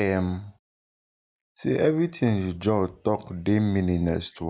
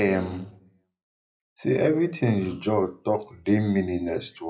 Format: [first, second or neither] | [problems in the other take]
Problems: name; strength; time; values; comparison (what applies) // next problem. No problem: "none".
first | noise reduction (classical method WPE with log-MMSE)